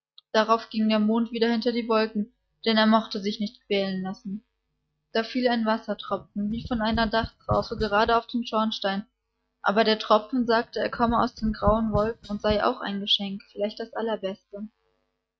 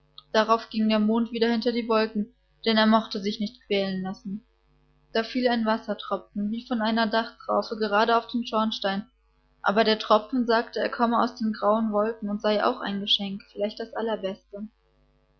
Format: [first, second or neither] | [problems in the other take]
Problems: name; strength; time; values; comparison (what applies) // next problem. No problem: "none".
second | noise reduction (neural mask model RNNoise)